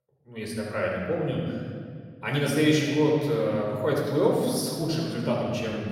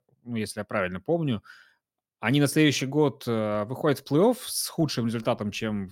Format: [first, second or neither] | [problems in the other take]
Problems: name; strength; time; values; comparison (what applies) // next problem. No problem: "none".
second | off-mic speech; far // room echo; noticeable; dies away in 1.9 s